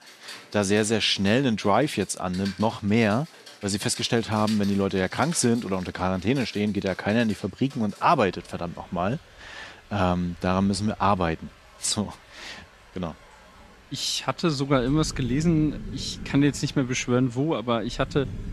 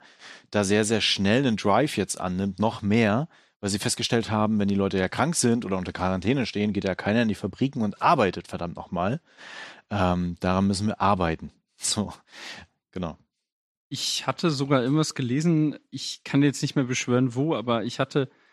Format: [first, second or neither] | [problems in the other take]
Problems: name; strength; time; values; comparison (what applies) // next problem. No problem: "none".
second | rain or running water; noticeable; throughout; 20 dB below the speech